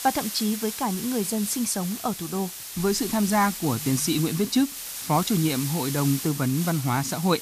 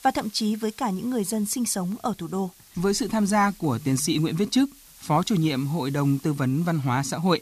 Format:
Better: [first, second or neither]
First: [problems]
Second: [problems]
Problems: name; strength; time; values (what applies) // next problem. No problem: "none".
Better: second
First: hiss; loud; throughout; 7 dB below the speech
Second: hiss; faint; throughout; 25 dB below the speech